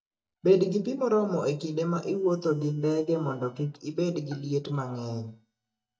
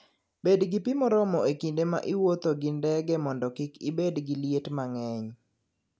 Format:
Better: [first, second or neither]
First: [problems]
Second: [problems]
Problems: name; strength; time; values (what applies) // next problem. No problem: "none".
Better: second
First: noise reduction (neural mask model DeepFilterNet 3)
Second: none